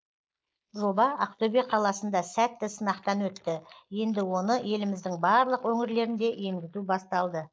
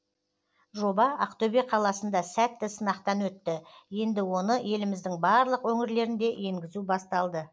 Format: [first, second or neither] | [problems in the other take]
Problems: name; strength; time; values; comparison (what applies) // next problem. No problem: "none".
second | noise reduction (neural mask model Resemble Enhance denoiser)